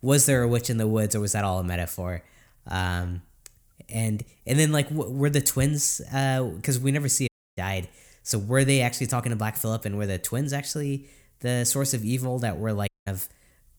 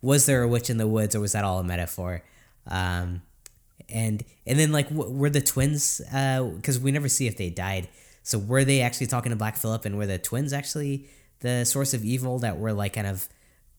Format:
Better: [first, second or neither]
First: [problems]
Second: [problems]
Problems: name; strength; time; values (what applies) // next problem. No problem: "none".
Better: second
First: audio cutting out; at 7.5 s and at 13 s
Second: none